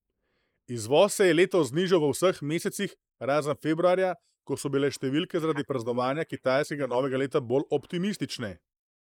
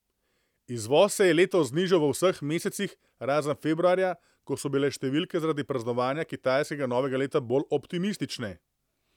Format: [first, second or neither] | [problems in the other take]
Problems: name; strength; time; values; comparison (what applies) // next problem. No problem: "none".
second | noise reduction (neural mask model Resemble Enhance denoiser)